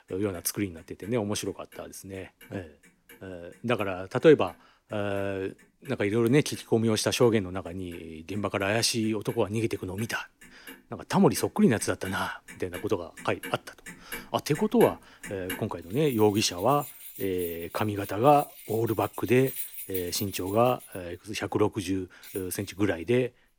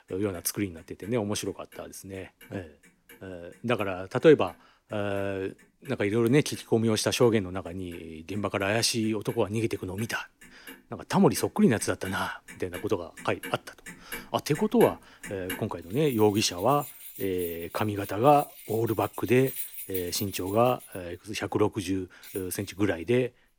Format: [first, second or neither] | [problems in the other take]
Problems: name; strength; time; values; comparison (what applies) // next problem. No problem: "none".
neither | household noises; noticeable; throughout; 15 dB below the speech; the same in both